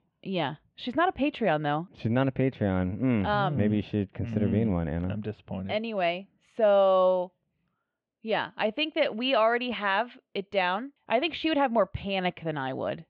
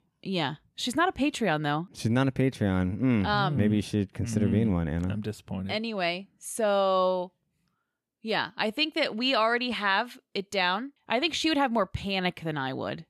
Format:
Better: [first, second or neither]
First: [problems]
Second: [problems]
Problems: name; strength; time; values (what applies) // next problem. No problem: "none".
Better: second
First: muffled; very; fading above 3 kHz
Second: none